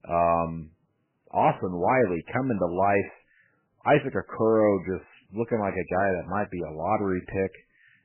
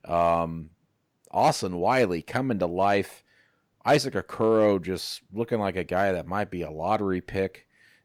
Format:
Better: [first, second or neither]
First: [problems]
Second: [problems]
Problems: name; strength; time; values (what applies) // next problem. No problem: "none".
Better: second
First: garbled, watery; badly; nothing above 2.5 kHz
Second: none